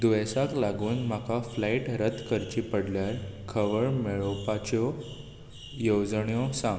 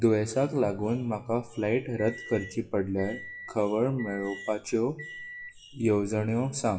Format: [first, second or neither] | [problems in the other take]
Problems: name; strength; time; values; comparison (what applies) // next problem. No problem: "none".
first | noise reduction (classical method WPE with log-MMSE)